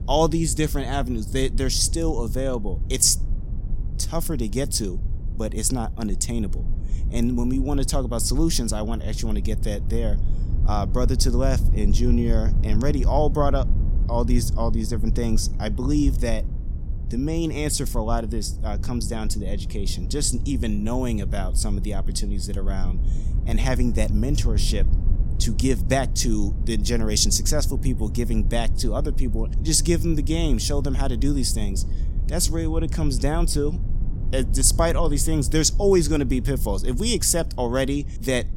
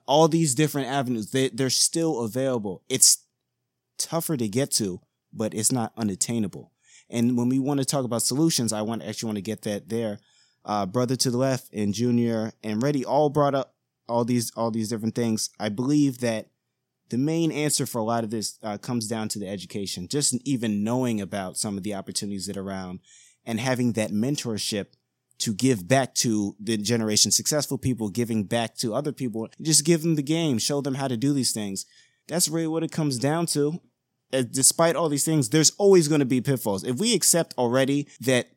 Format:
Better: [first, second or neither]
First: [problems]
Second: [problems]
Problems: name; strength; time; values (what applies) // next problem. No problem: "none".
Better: second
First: low rumble; noticeable; throughout; 15 dB below the speech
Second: none